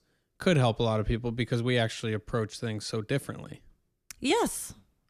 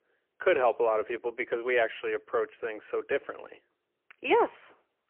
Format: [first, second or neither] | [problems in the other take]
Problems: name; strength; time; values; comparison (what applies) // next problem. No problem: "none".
first | phone-call audio; poor line; nothing above 3 kHz